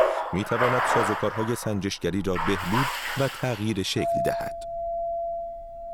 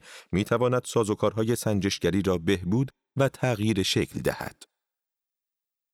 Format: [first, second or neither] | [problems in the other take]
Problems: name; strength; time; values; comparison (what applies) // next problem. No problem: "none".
second | household noises; loud; throughout; as loud as the speech